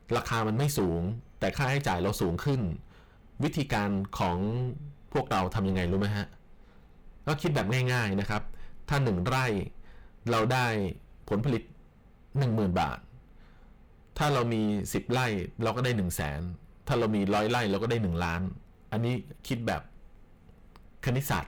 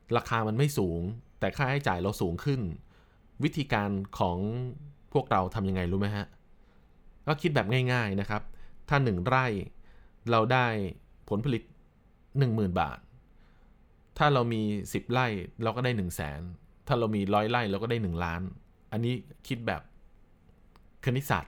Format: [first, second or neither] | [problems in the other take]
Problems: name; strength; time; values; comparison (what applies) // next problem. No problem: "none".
second | distortion; heavy; 12% of the sound clipped